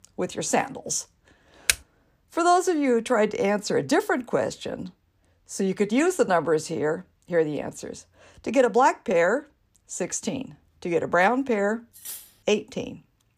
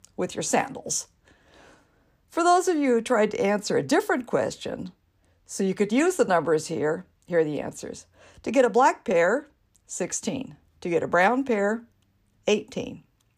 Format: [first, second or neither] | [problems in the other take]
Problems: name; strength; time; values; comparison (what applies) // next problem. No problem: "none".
second | keyboard typing; very faint; at 1.5 s; peak level with the speech // clattering dishes; faint; at 12 s; peak 15 dB below the speech